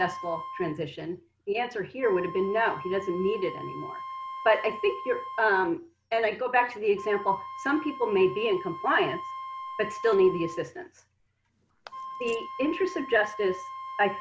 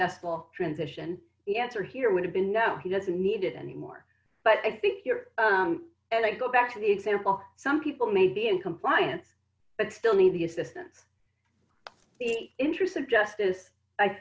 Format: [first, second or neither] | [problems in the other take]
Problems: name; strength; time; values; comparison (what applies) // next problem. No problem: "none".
second | background sound (Wind instrument, woodwind instrument); 12 dB below the speech